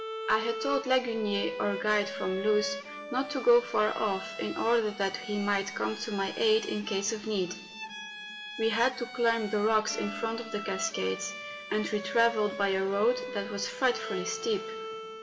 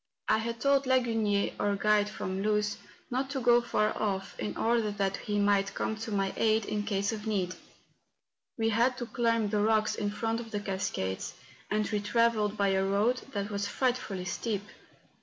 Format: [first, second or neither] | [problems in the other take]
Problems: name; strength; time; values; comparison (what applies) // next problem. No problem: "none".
second | background sound (Bowed string instrument); 10 dB below the speech // room echo; dies away in 2.3 s